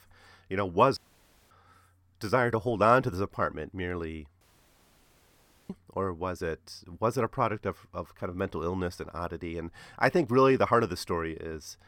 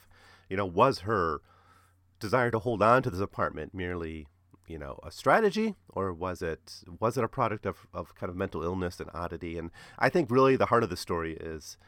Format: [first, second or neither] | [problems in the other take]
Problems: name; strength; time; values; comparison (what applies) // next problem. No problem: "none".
second | audio cutting out; at 1 s for 0.5 s and at 4.5 s for 1.5 s